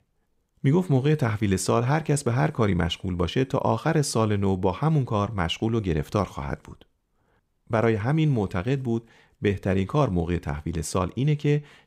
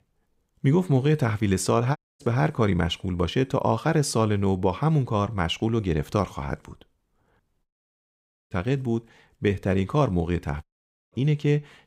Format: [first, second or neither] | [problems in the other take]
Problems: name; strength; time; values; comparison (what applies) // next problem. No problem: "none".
first | audio cutting out; at 2 s, at 7.5 s for 1 s and at 11 s